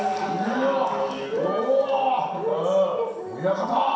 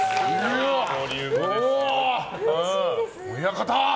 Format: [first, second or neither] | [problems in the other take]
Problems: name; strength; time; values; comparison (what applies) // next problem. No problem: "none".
second | background sound (Piano); 18 dB below the speech // room echo; dies away in 0.7 s